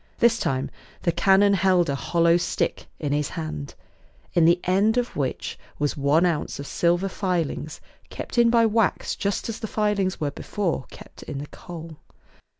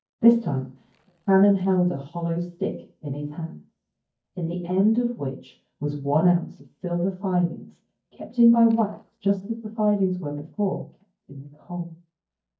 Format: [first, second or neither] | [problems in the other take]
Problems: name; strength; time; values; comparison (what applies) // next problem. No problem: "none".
first | noise reduction (neural mask model DeepFilterNet 3)